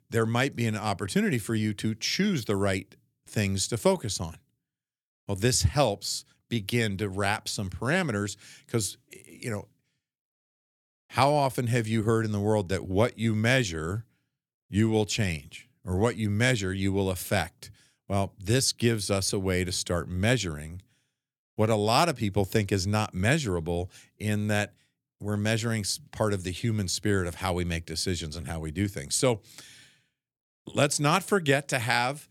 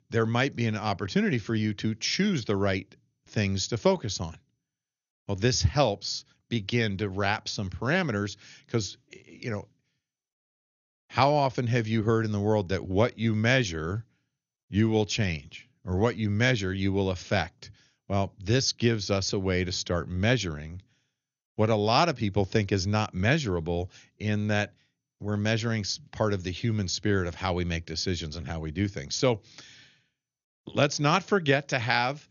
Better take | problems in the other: first | garbled, watery; slightly; nothing above 6.5 kHz

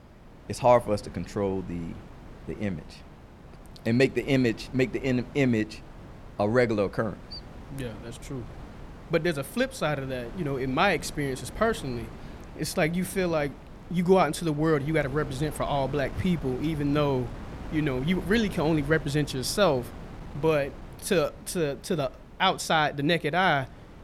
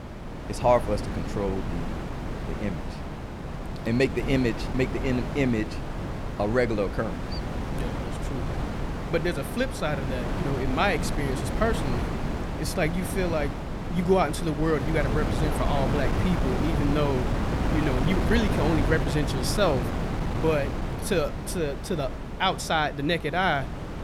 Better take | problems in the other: first | wind noise on the microphone; heavy; 6 dB below the speech; occasional gusts in the first

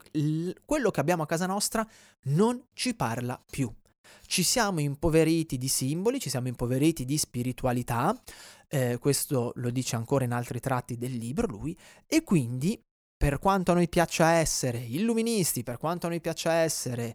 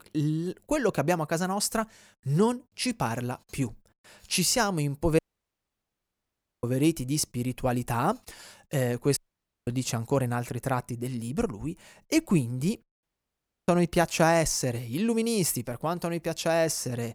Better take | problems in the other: first | audio cutting out; at 5 s for 1.5 s, at 9 s for 0.5 s and at 13 s for 0.5 s

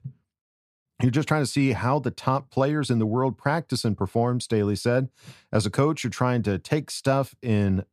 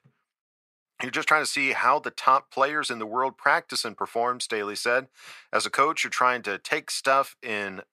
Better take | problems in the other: first | thin; very; fading below 650 Hz

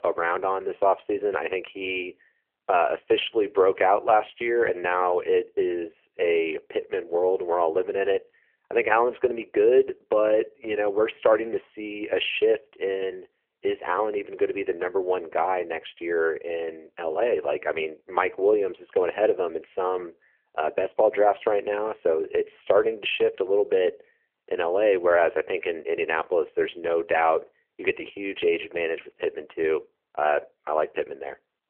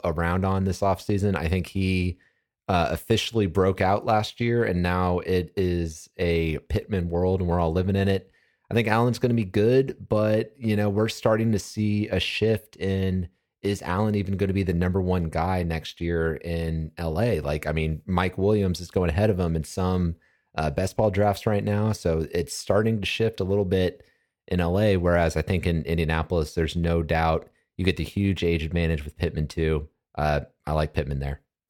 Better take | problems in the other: second | phone-call audio; nothing above 3 kHz

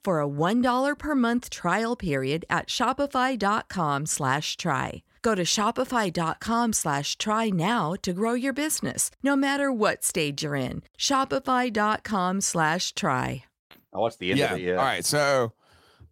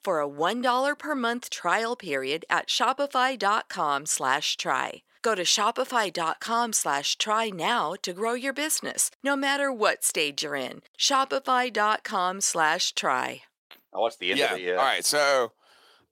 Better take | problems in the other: first | thin; somewhat; fading below 400 Hz

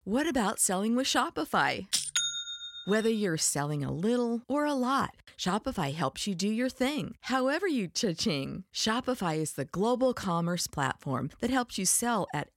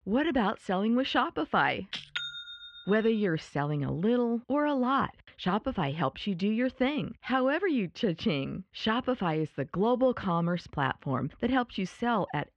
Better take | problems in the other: first | muffled; very; fading above 3 kHz

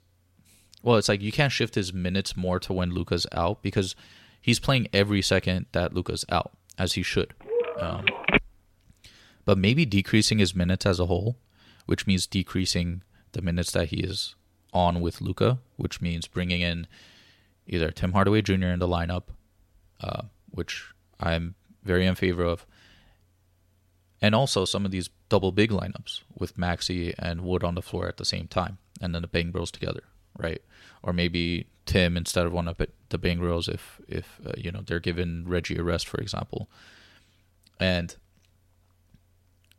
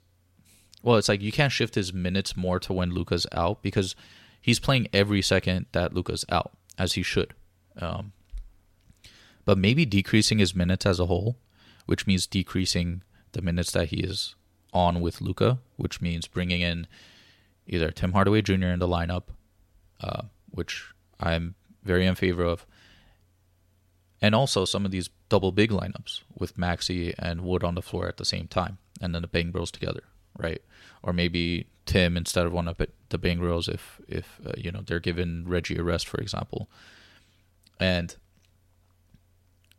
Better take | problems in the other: second | phone ringing; loud; at 7.5 s; peak 5 dB above the speech

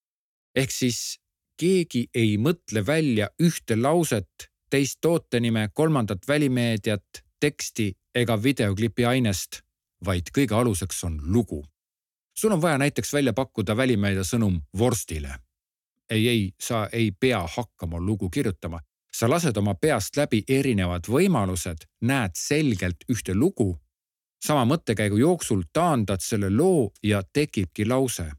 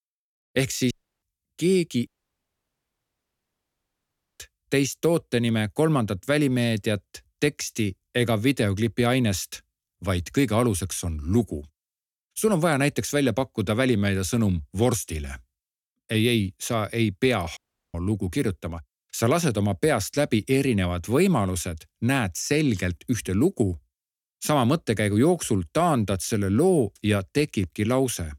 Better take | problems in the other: first | audio cutting out; at 1 s, at 2 s for 2.5 s and at 18 s

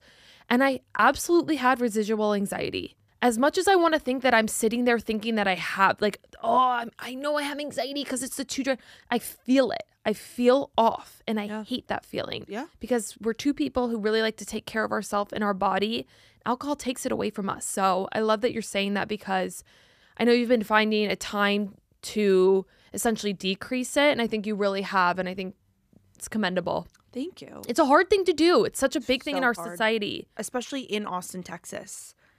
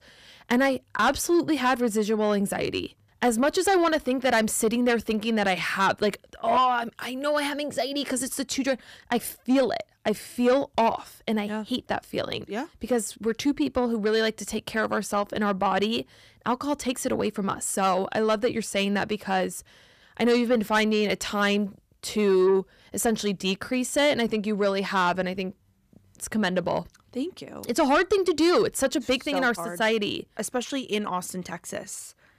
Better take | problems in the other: first | distortion; slight; 10 dB below the speech

